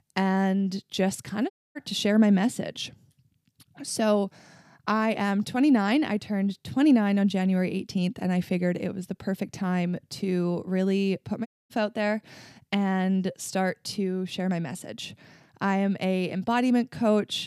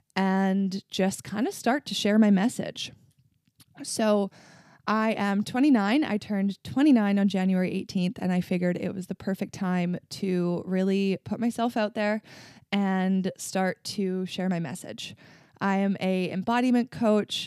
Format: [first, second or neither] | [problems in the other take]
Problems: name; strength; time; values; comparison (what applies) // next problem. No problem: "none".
second | audio cutting out; at 1.5 s and at 11 s